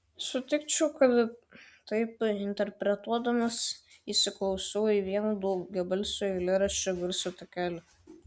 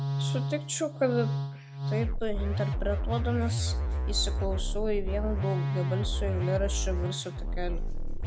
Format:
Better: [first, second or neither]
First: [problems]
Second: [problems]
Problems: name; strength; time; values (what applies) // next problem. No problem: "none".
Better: first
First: none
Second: background sound (Musical instrument); 4 dB above the speech